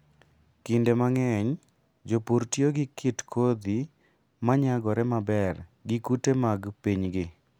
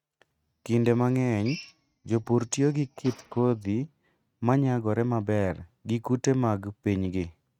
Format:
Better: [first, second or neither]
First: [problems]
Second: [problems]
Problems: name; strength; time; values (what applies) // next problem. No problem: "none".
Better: first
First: none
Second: noise reduction (neural mask model RNNoise)